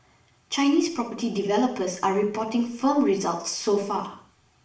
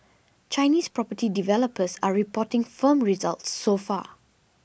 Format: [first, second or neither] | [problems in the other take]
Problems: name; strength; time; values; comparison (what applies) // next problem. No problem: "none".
second | room echo; dies away in 0.6 s